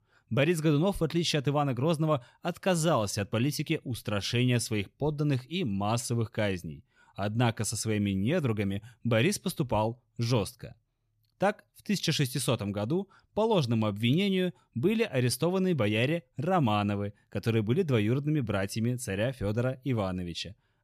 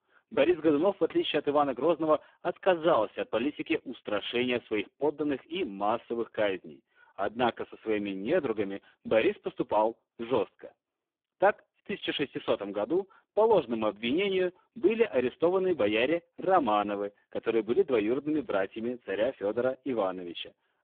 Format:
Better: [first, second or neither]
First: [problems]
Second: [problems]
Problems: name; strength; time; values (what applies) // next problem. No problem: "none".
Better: first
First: none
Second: phone-call audio; poor line; nothing above 3.5 kHz